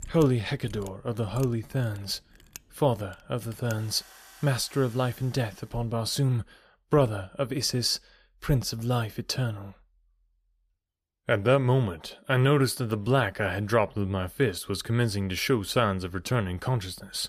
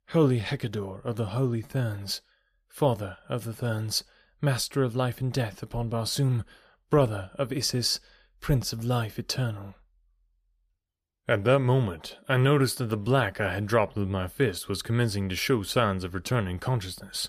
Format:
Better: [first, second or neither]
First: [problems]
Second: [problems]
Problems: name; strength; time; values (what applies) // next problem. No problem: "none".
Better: second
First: machinery noise; faint; until 5.5 s; 20 dB below the speech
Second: none